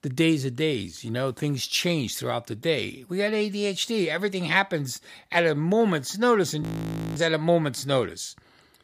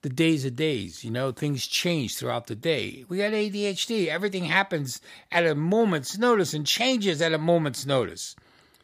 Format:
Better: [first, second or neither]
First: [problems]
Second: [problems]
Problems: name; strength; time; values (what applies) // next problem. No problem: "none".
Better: second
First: audio freezing; at 6.5 s for 0.5 s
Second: none